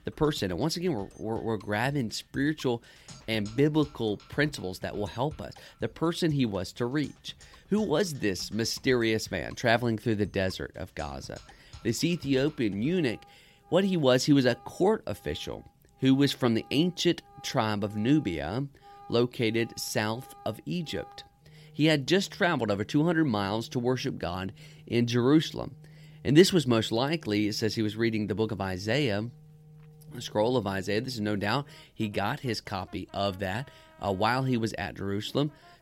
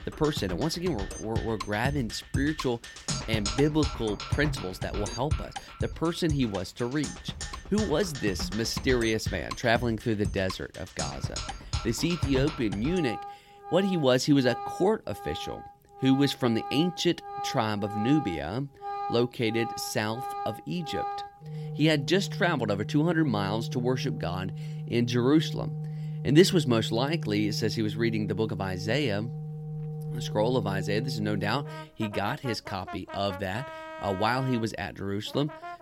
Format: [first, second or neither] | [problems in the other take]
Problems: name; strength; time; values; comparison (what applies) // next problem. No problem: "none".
first | background music; loud; throughout; 8 dB below the speech; faint in the first